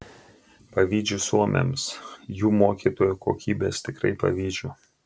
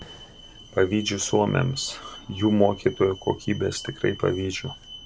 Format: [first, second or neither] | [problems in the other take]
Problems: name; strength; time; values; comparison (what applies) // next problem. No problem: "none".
first | background sound (Alarm); 18 dB below the speech